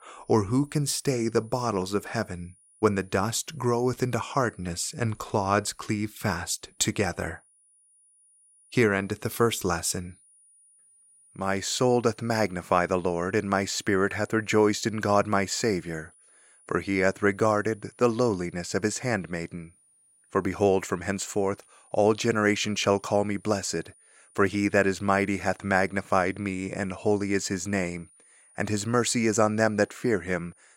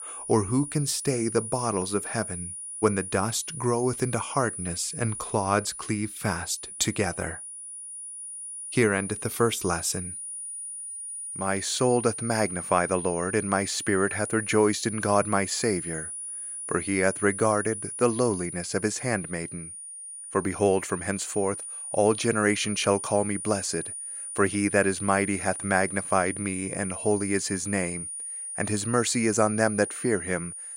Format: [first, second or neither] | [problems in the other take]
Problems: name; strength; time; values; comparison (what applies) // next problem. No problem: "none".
first | high-pitched whine; loud; throughout; 9.5 kHz, 7 dB below the speech; faint in the first